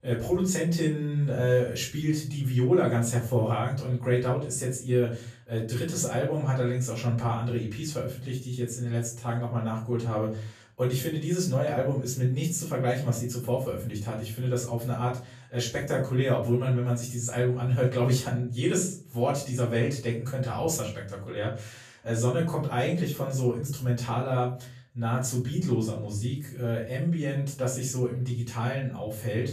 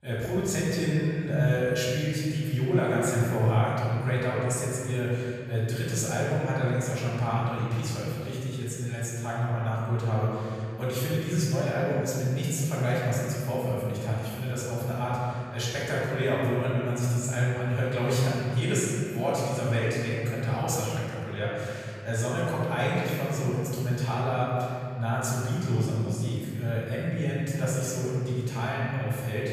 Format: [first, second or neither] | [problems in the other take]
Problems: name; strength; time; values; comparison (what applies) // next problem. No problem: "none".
first | room echo; strong; dies away in 2.4 s; slight in the first // off-mic speech; far; far in the first